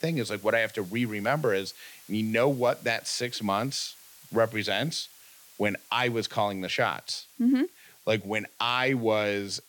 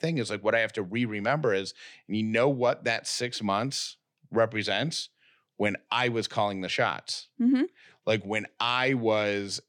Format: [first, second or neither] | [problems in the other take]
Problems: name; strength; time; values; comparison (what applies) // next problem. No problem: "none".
second | hiss; faint; throughout; 20 dB below the speech